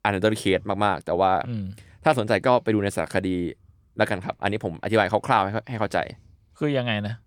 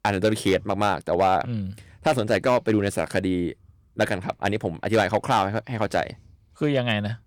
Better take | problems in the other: first | distortion; slight; 3% of the sound clipped

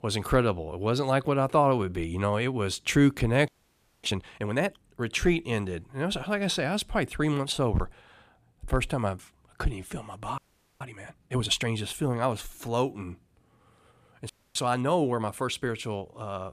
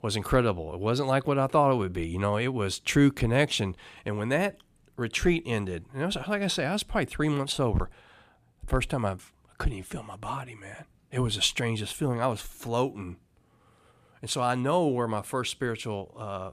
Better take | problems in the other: second | audio freezing; at 3.5 s for 0.5 s, at 10 s and at 14 s

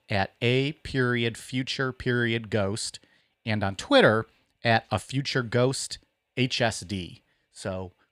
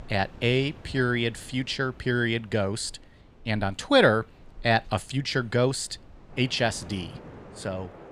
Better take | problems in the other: first | wind in the background; faint; throughout; 20 dB below the speech

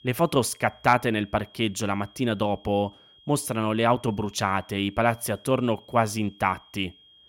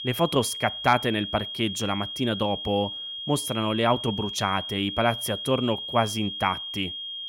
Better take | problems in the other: first | high-pitched whine; loud; throughout; 3.5 kHz, 6 dB below the speech; faint in the first

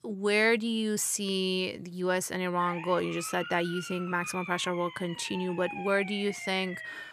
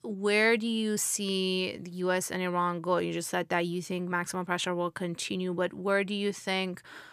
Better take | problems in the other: second | siren; noticeable; from 2.5 s on; peak 9 dB below the speech

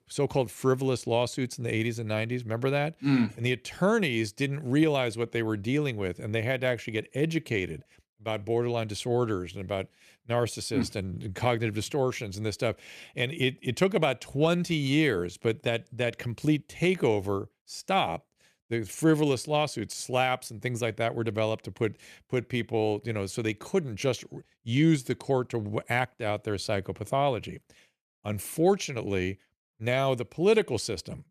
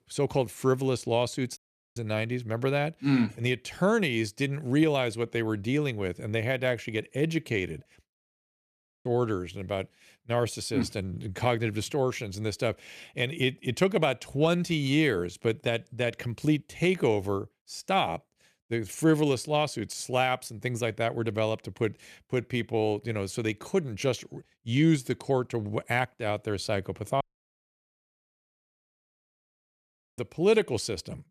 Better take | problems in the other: first | audio cutting out; at 1.5 s, at 8 s for 1 s and at 27 s for 3 s

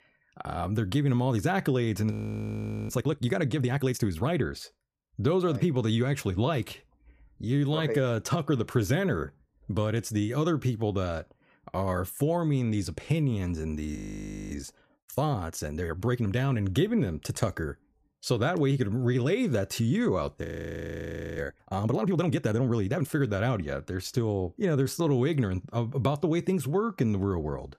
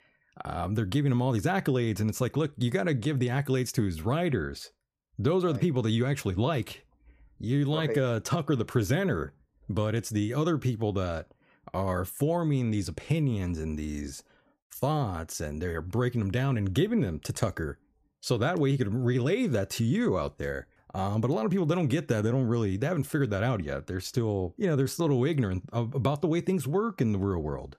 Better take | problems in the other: second | audio freezing; at 2 s for 1 s, at 14 s for 0.5 s and at 20 s for 1 s

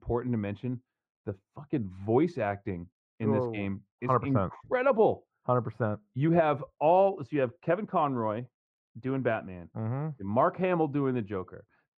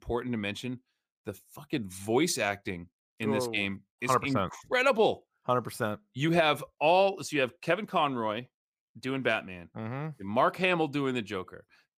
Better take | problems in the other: second | muffled; very; fading above 1 kHz

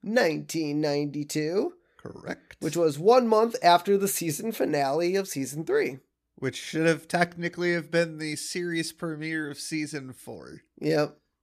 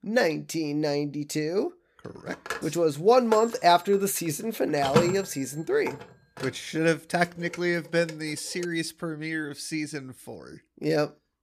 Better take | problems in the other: first | phone ringing; loud; from 2.5 to 8.5 s; peak 1 dB above the speech

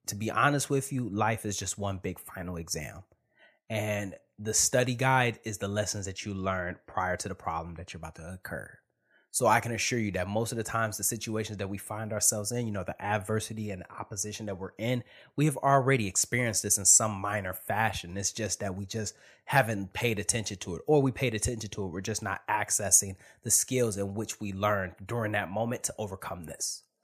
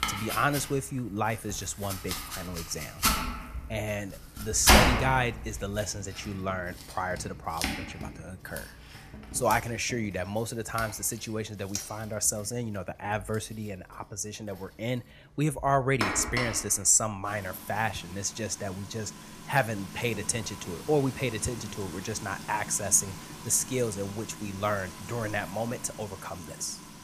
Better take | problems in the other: first | household noises; loud; throughout; 3 dB below the speech

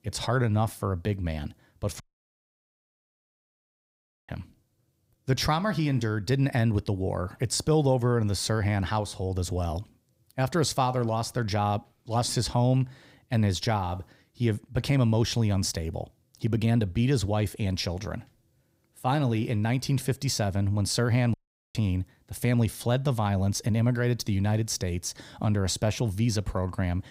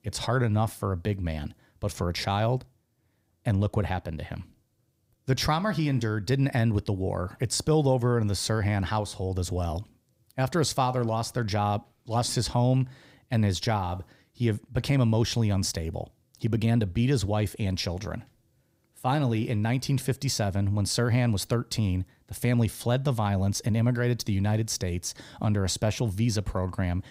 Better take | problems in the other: second | audio cutting out; at 2 s for 2.5 s and at 21 s

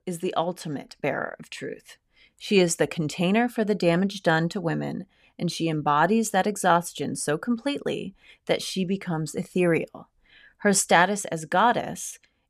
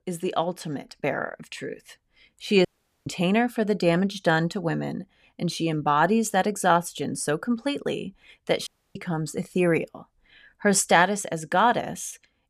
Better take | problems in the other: first | audio cutting out; at 2.5 s and at 8.5 s

